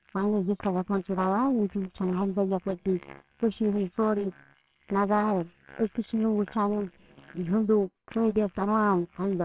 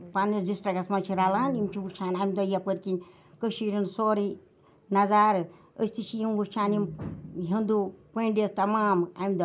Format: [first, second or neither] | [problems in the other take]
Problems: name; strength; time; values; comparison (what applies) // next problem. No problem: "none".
second | noise reduction (neural separator model SepFormer WHAMR!)